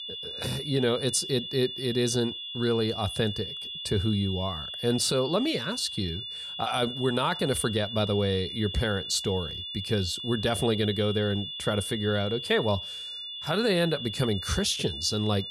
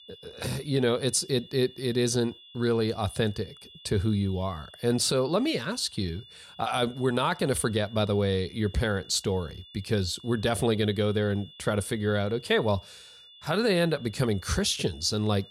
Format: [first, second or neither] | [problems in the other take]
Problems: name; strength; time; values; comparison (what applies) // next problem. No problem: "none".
second | high-pitched whine; loud; throughout; 3.5 kHz, 7 dB below the speech; faint in the second